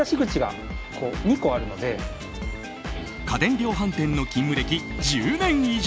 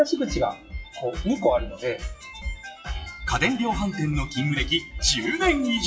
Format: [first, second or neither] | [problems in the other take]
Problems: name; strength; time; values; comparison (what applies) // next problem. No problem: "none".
first | noise reduction (classical method WPE with log-MMSE)